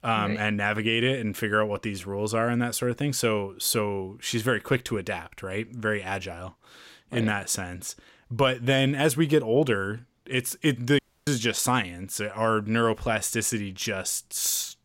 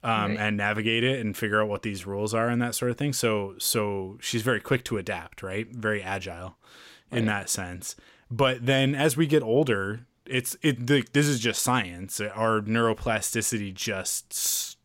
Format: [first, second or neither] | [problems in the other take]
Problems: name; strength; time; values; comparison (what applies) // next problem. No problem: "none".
second | audio cutting out; at 11 s